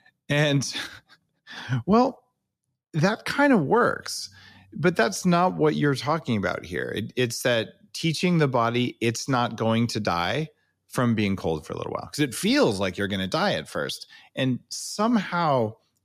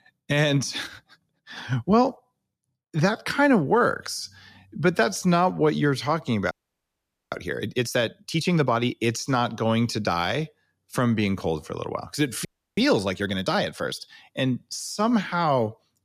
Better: first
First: none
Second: audio freezing; at 6.5 s for 1 s and at 12 s

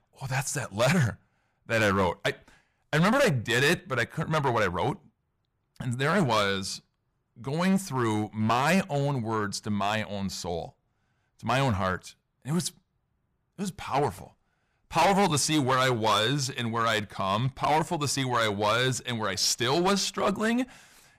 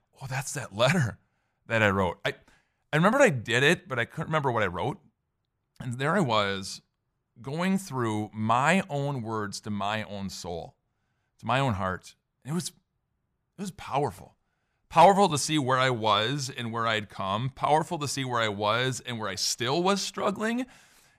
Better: second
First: distortion; heavy; 7% of the sound clipped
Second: none

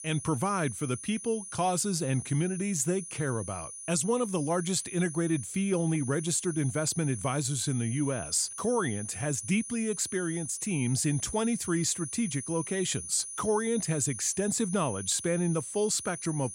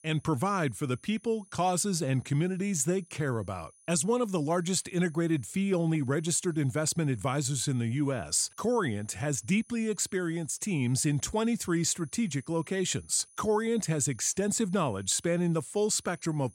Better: second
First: high-pitched whine; loud; throughout; 9.5 kHz, 9 dB below the speech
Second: high-pitched whine; faint; throughout; 9.5 kHz, 25 dB below the speech

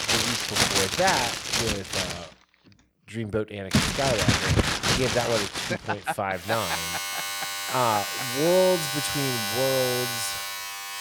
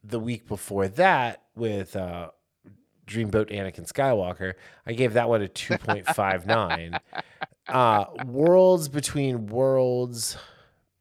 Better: second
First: household noises; very loud; throughout; 2 dB above the speech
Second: none

